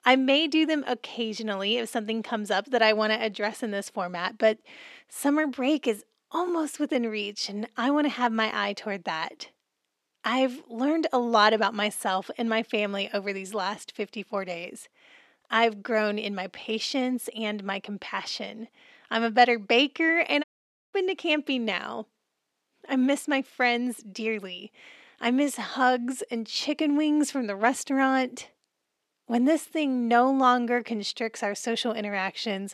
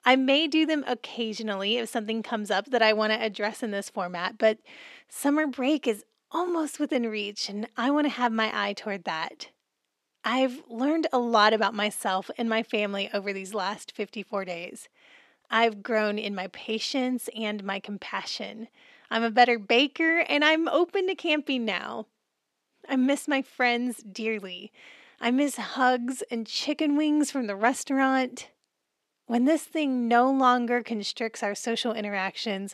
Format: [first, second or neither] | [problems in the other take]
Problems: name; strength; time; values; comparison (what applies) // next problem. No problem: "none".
second | audio cutting out; at 20 s